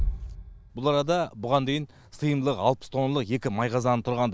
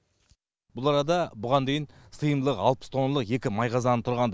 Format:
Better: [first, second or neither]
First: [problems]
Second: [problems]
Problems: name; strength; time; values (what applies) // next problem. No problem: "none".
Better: second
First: background sound (Bass drum); 11 dB below the speech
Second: none